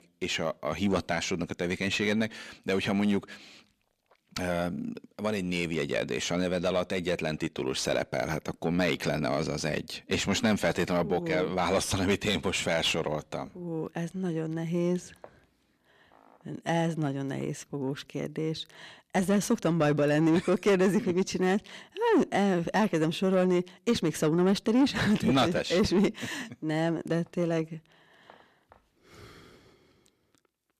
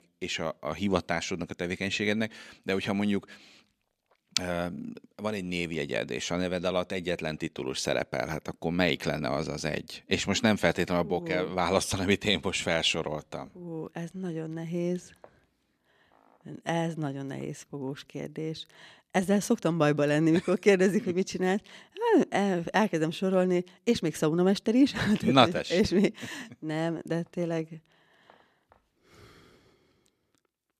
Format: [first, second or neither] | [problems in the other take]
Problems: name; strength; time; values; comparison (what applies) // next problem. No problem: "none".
second | distortion; slight; 10 dB below the speech